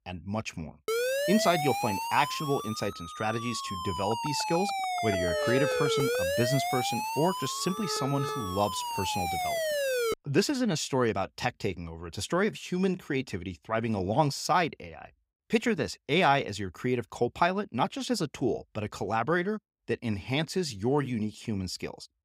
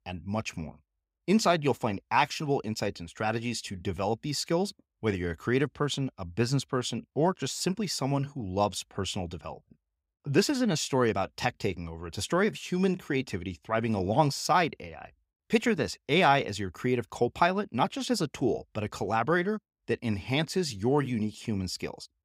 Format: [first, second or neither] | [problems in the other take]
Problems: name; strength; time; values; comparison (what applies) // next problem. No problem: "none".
second | siren; loud; from 1 to 10 s; peak 2 dB above the speech